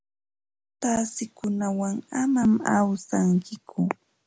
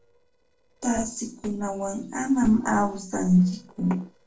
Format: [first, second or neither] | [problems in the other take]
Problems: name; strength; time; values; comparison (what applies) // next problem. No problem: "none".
first | noise reduction (neural separator model SepFormer DNS4)